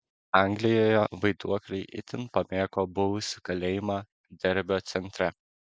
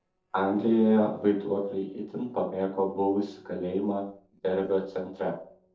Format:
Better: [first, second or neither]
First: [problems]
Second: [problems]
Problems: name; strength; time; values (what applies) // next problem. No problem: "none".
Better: first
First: none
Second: noise reduction (neural separator model SepFormer DNS4)